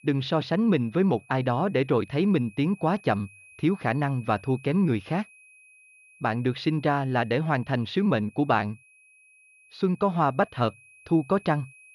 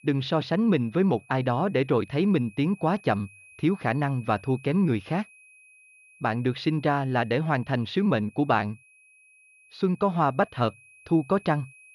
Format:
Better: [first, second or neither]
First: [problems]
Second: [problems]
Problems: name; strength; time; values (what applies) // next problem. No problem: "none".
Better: neither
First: high-pitched whine; faint; throughout; 2.5 kHz, 25 dB below the speech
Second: high-pitched whine; faint; throughout; 2.5 kHz, 25 dB below the speech